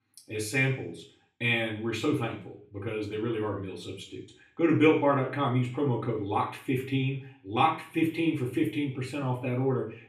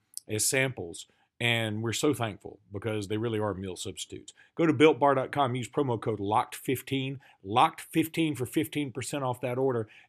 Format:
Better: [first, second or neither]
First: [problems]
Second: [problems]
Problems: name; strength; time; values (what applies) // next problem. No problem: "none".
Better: second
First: room echo; slight; dies away in 0.5 s // off-mic speech; far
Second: none